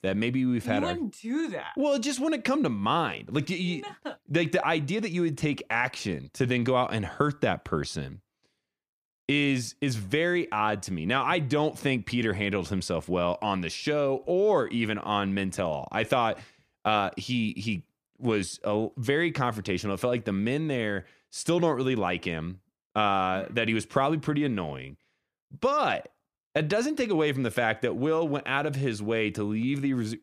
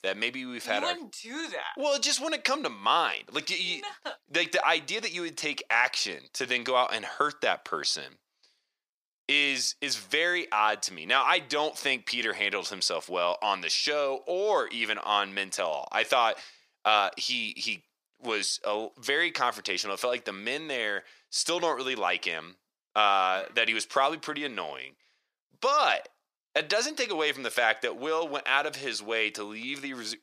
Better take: first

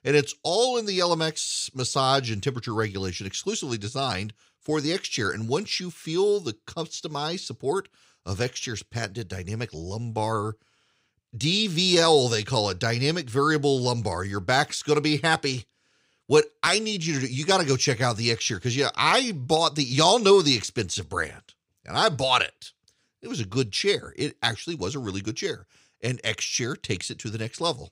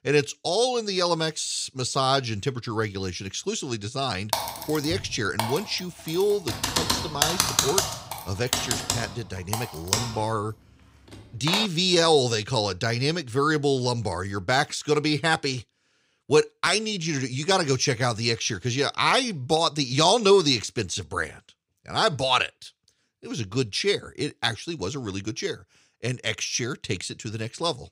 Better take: first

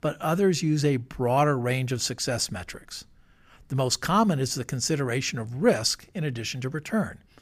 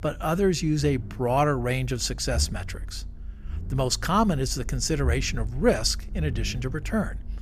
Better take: first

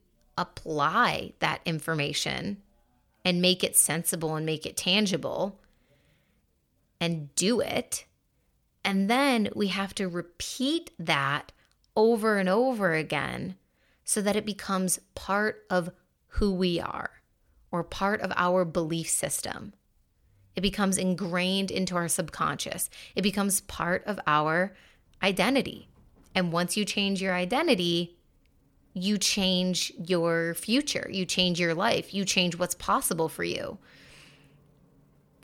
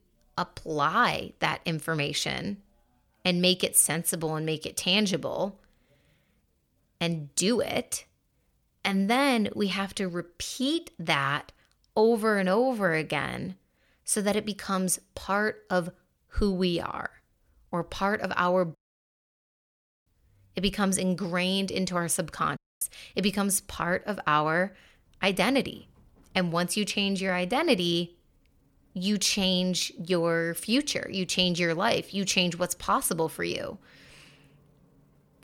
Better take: first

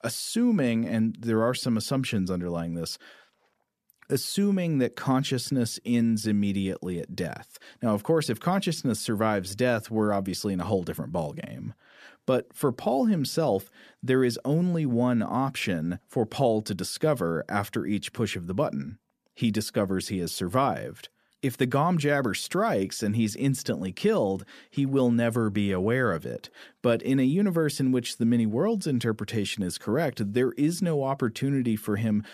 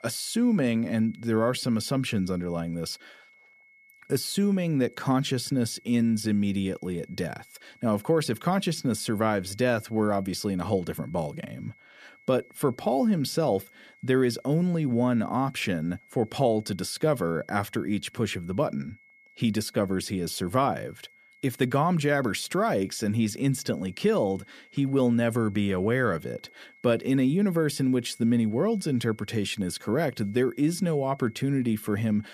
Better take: first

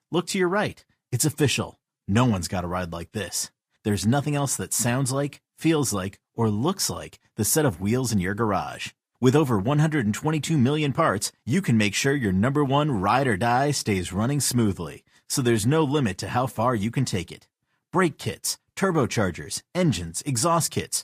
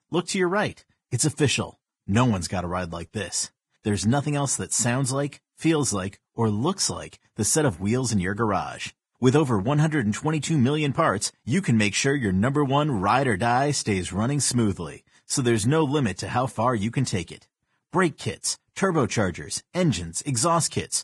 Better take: first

